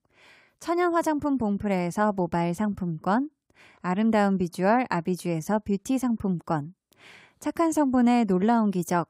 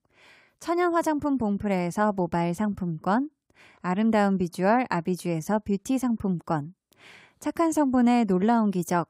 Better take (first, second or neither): neither